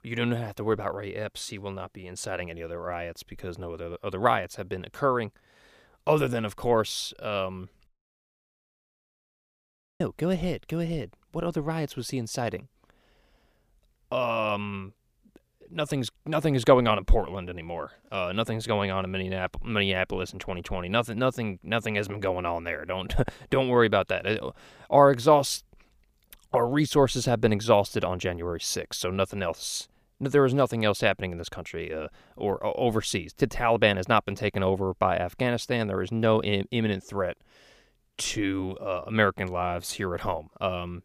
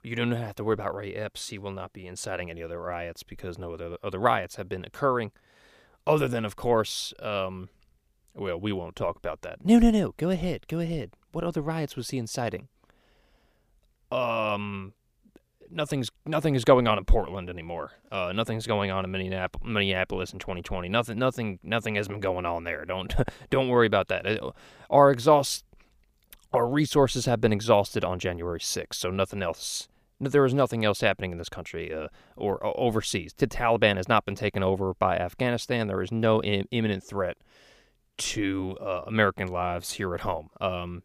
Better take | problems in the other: second | audio cutting out; at 8 s for 2 s

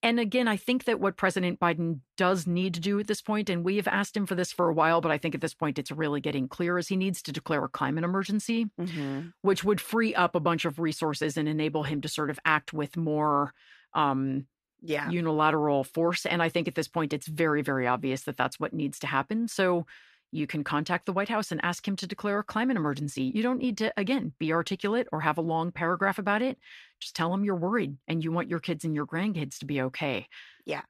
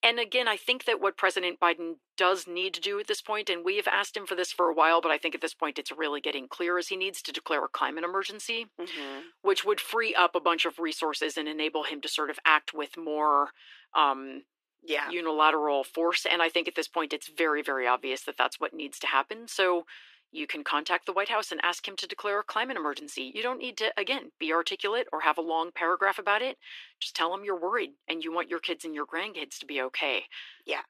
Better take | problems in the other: first | thin; very; fading below 350 Hz

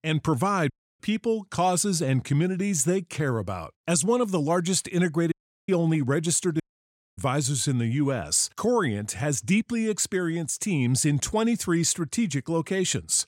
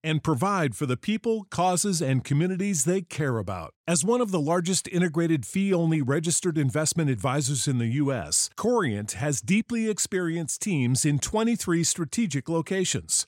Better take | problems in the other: second | audio cutting out; at 0.5 s, at 5.5 s and at 6.5 s for 0.5 s

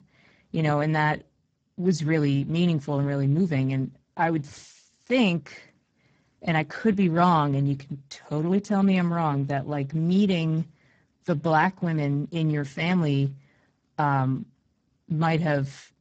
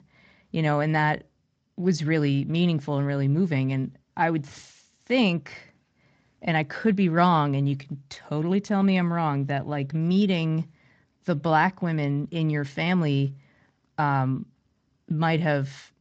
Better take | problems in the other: second | garbled, watery; badly; nothing above 8 kHz; slightly in the second

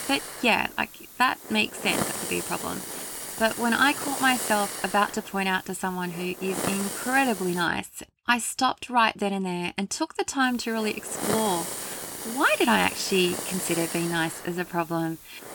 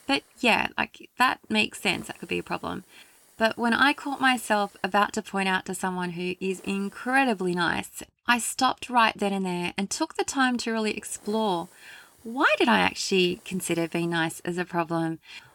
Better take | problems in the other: second | hiss; loud; until 7.5 s and from 10 s on; 6 dB below the speech; faint in the second

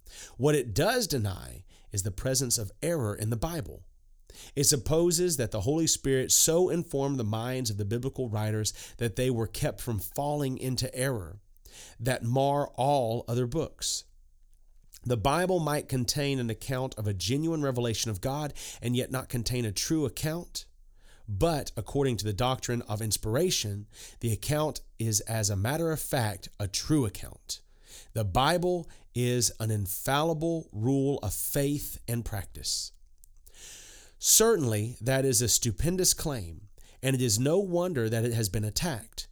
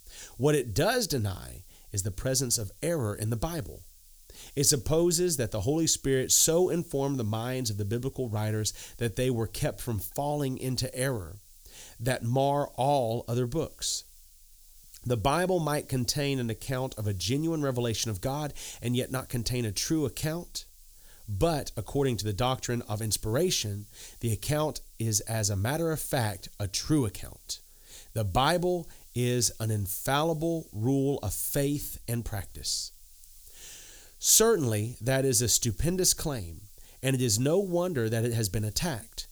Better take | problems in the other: first | hiss; faint; throughout; 25 dB below the speech

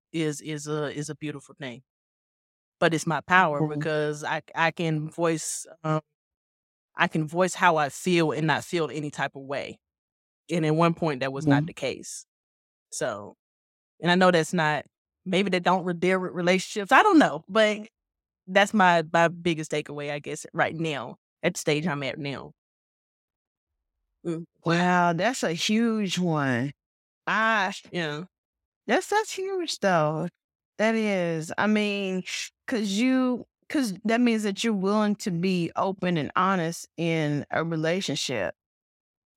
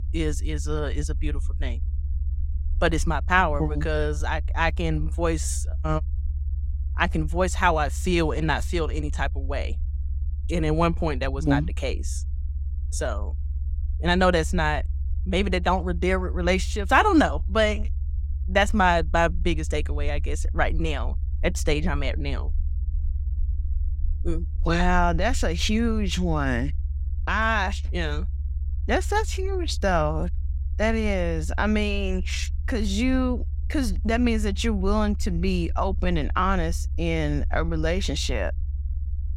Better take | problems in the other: first | low rumble; faint; throughout; 25 dB below the speech

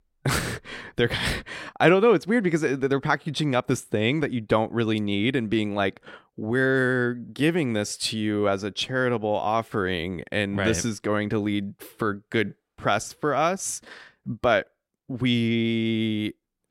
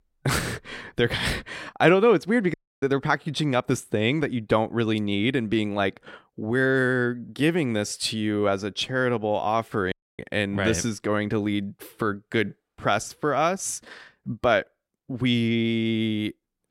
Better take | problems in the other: first | audio cutting out; at 2.5 s and at 10 s

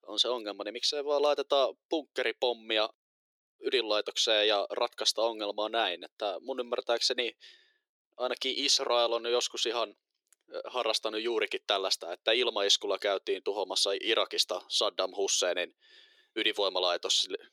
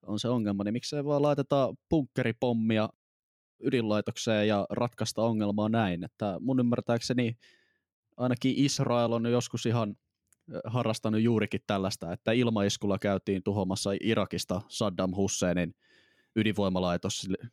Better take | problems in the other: second | thin; very; fading below 350 Hz

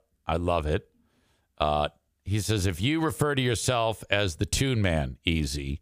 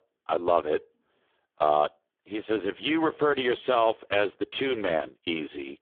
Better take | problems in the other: first | phone-call audio; poor line; nothing above 3.5 kHz

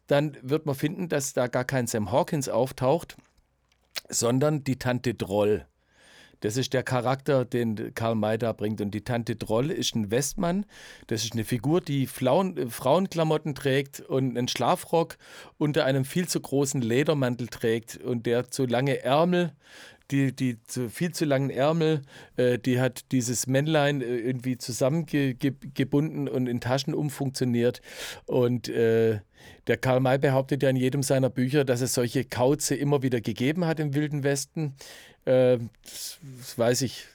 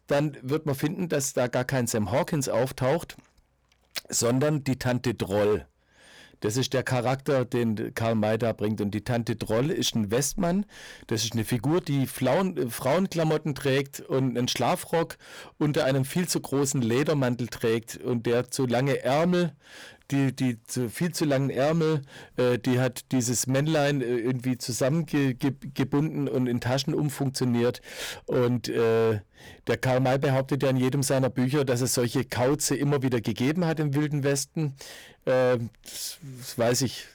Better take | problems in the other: first | distortion; slight; 11% of the sound clipped

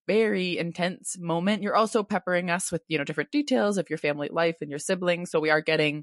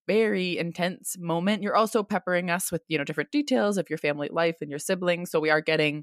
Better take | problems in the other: second | garbled, watery; slightly; nothing above 11 kHz

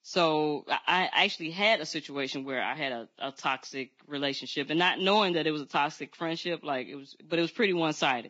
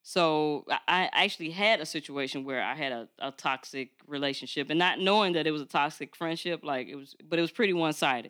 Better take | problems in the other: second | garbled, watery; badly

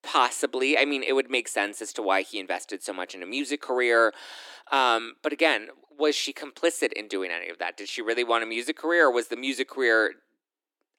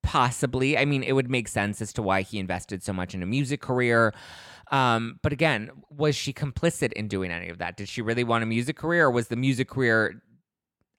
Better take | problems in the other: second | thin; somewhat; fading below 300 Hz

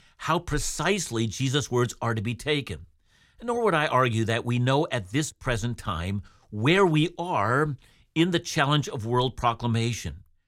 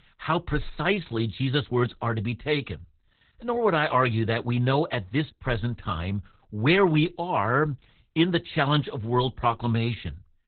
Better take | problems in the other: first | garbled, watery; badly; nothing above 4 kHz

